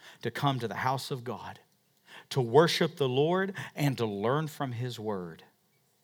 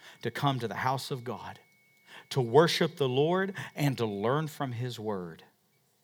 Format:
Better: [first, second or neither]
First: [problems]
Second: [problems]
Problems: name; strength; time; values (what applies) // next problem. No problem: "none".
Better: first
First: none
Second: high-pitched whine; faint; until 5 s; 2 kHz, 35 dB below the speech